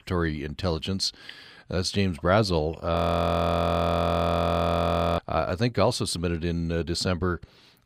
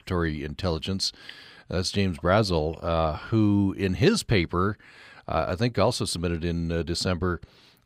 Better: second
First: audio freezing; at 3 s for 2 s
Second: none

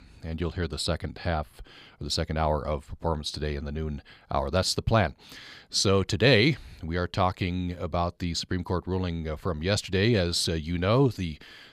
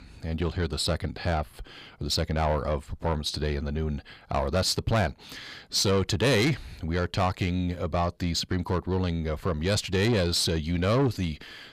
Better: first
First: none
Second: distortion; slight; 10 dB below the speech

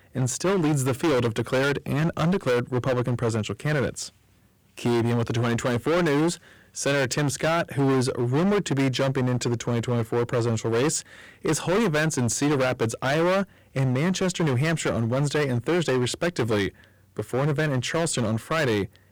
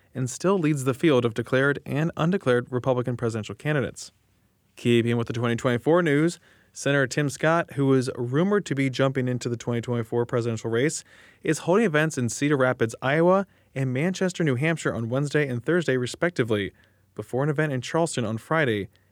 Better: second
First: distortion; heavy; 19% of the sound clipped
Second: none

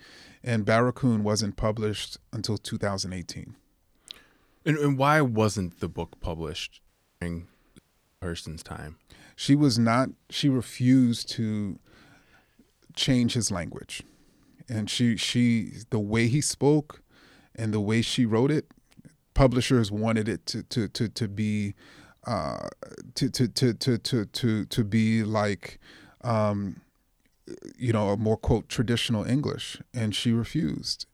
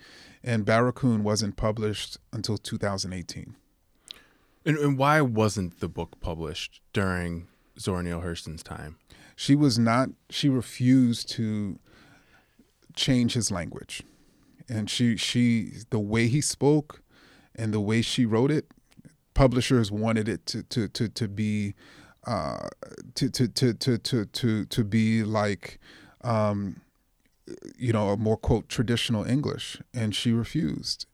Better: second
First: audio cutting out; at 7 s and at 8 s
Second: none

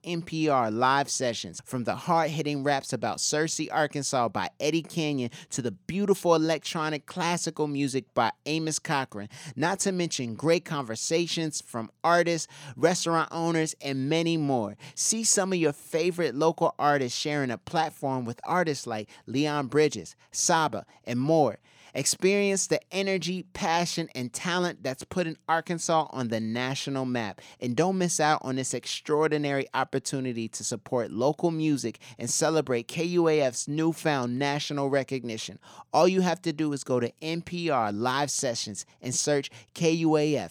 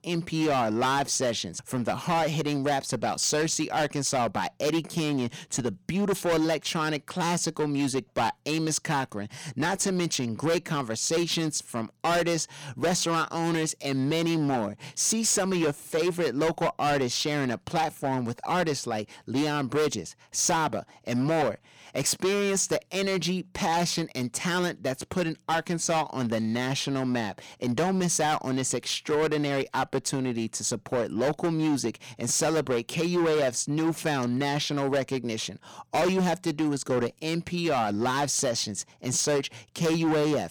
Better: first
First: none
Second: distortion; heavy; 14% of the sound clipped

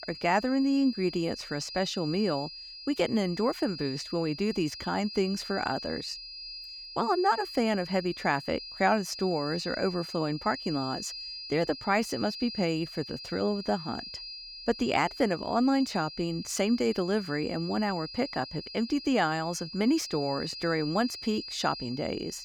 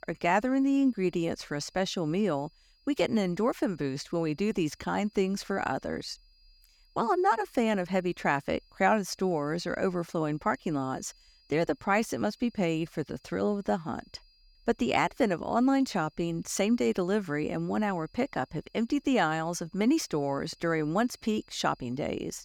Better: second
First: high-pitched whine; loud; throughout; 5 kHz, 10 dB below the speech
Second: high-pitched whine; faint; throughout; 5 kHz, 30 dB below the speech

